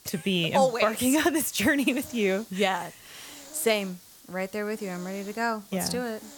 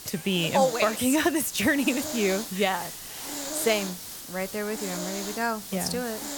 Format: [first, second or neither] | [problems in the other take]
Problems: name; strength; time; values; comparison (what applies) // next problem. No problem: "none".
first | hiss; loud; throughout; 8 dB below the speech; faint in the first